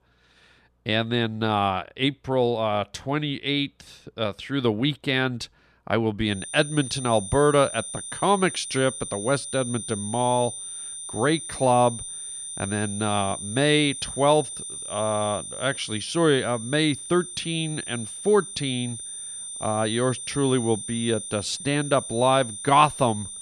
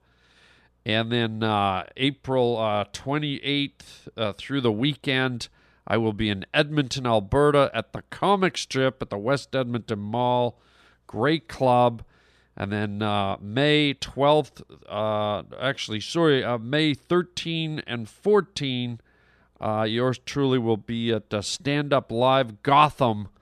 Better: second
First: high-pitched whine; loud; from 6.5 s on; 9 kHz, 9 dB below the speech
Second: none

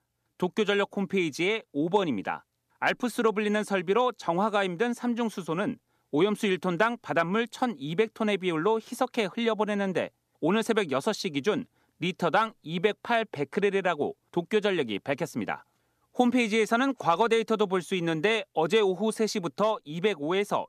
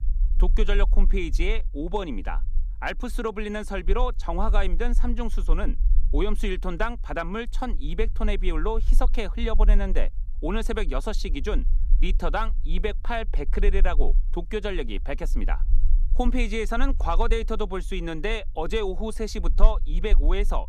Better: first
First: none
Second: low rumble; faint; throughout; 25 dB below the speech

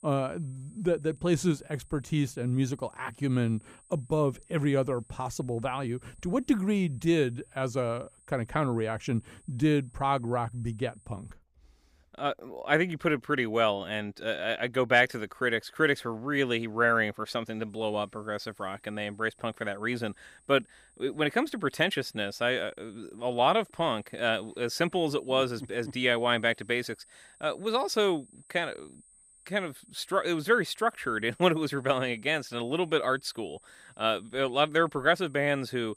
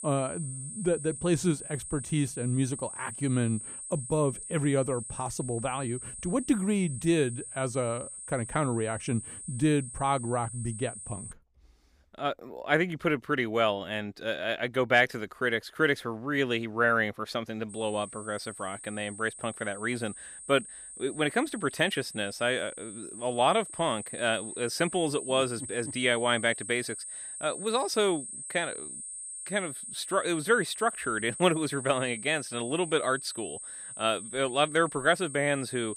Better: first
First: high-pitched whine; faint; until 11 s and from 18 s on; 8.5 kHz, 30 dB below the speech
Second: high-pitched whine; loud; until 11 s and from 18 s on; 8.5 kHz, 9 dB below the speech

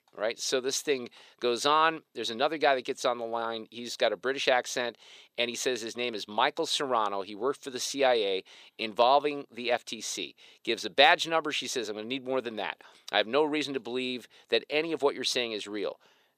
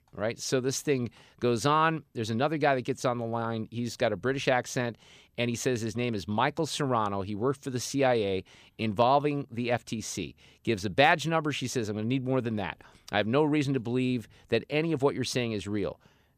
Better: second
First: thin; somewhat; fading below 450 Hz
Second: none

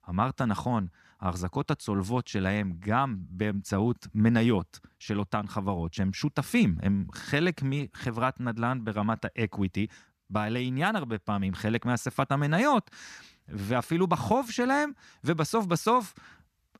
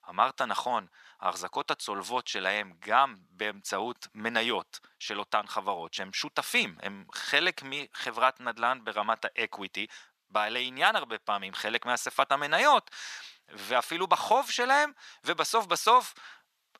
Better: first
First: none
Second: thin; very; fading below 700 Hz

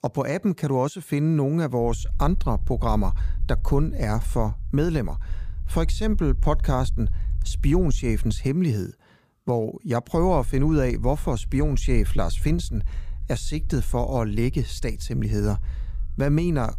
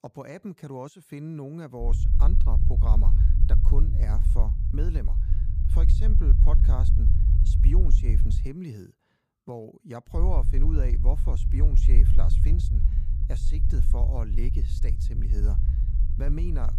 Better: first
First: low rumble; faint; from 2 to 8.5 s and from 10 s on; 25 dB below the speech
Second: low rumble; loud; from 2 to 8.5 s and from 10 s on; 3 dB below the speech

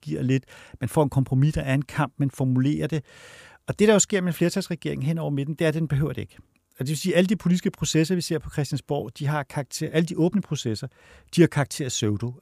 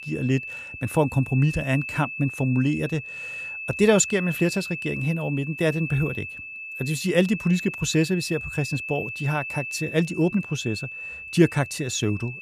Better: first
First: none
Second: high-pitched whine; loud; throughout; 2.5 kHz, 8 dB below the speech

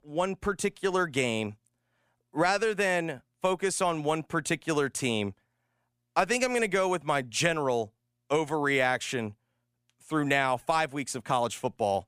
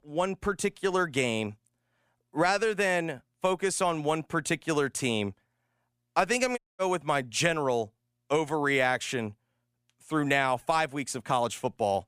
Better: first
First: none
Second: audio cutting out; at 6.5 s

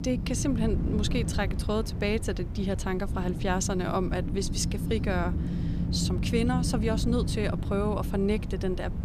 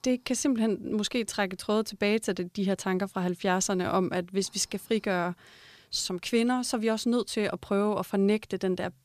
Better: second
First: wind noise on the microphone; heavy; 9 dB below the speech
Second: none

